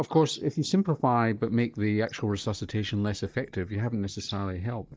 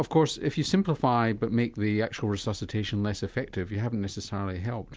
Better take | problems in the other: second | noise reduction (neural mask model DeepFilterNet 3)

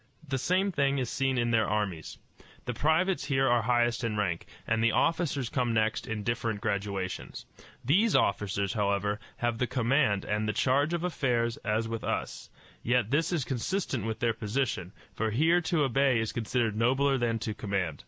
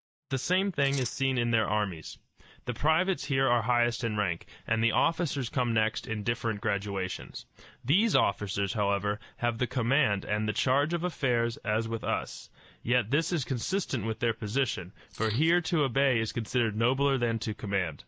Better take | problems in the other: first | noise reduction (neural mask model DeepFilterNet 3)

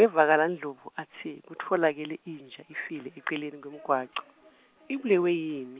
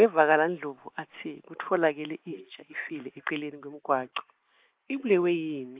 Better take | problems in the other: first | noise reduction (neural mask model Resemble Enhance denoiser)

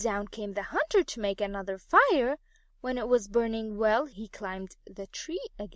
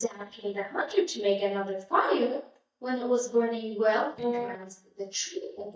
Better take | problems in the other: first | noise reduction (neural mask model DeepFilterNet 3)

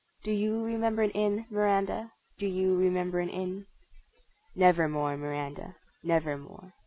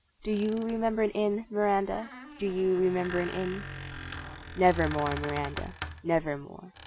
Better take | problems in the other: first | background sound (Squeak); 12 dB below the speech

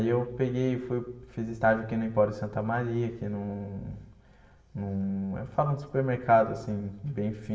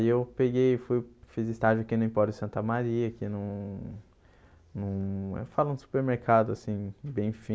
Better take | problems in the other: second | room echo; dies away in 0.8 s

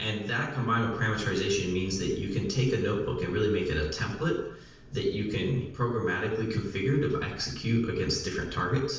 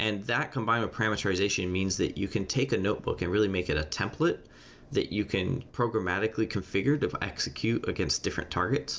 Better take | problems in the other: second | room echo; dies away in 0.7 s

